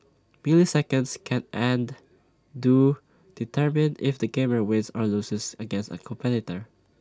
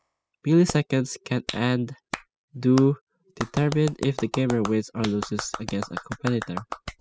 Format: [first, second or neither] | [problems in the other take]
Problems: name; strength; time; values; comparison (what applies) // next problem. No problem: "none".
first | noise reduction (classical method spectral subtraction)